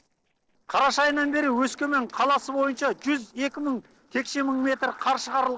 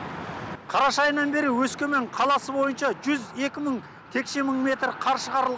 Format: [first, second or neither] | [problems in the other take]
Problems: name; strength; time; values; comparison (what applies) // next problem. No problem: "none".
second | noise reduction (neural separator model SepFormer DNS4)